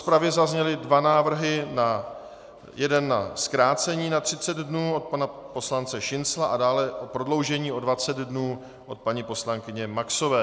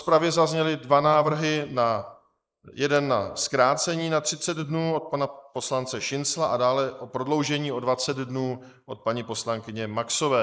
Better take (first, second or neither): first